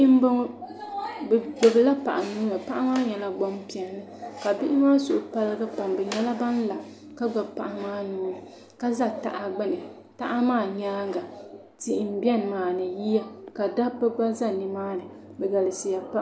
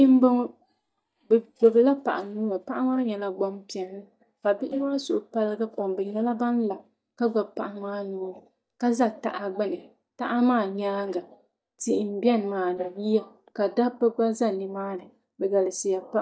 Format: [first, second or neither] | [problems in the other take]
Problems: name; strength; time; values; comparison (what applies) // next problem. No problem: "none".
first | noise reduction (neural mask model DeepFilterNet 3)